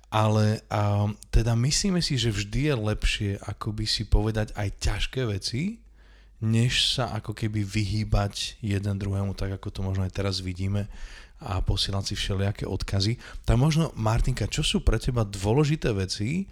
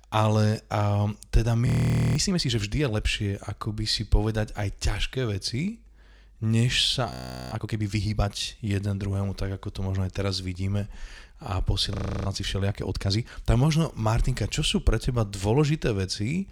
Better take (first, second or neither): first